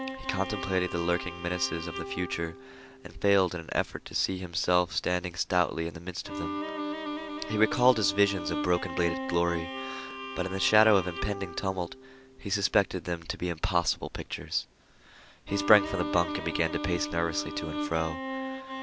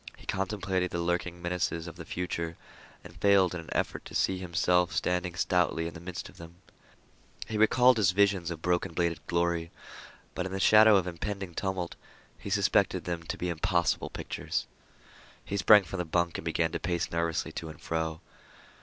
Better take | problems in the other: second | background sound (Bowed string instrument); 8 dB below the speech

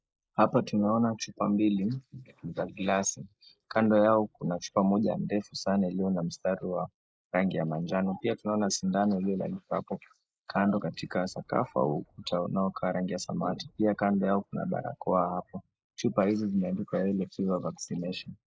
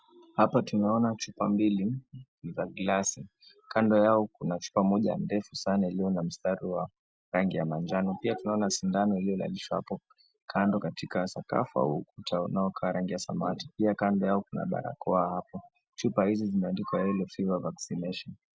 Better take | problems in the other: second | noise reduction (neural mask model Resemble Enhance denoiser)

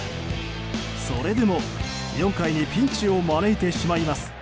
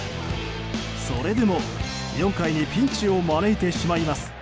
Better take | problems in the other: first | background sound (Bark); 19 dB below the speech

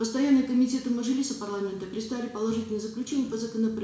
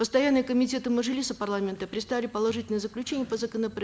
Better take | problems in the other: second | room echo; dies away in 0.7 s

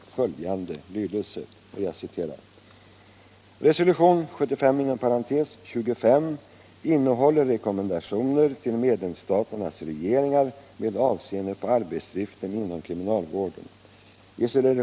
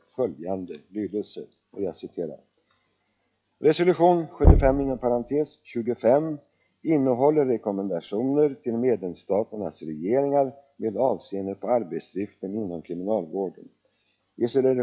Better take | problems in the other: first | noise reduction (classical method log-MMSE)

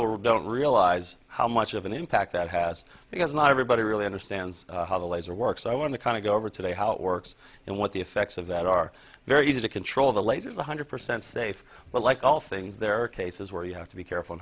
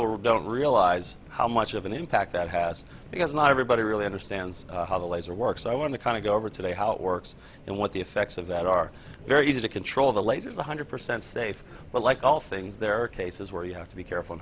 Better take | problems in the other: first | background sound (Subway, metro, underground); 20 dB below the speech

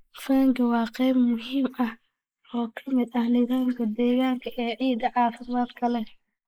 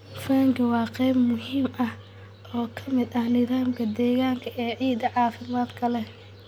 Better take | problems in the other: second | noise reduction (neural mask model Resemble Enhance denoiser)

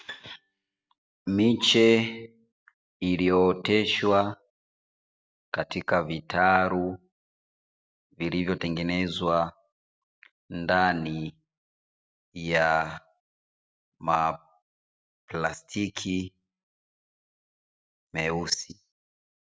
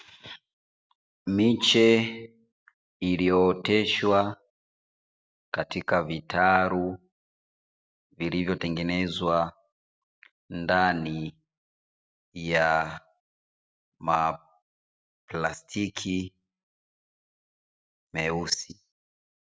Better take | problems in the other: second | background sound (Bowed string instrument); 20 dB below the speech

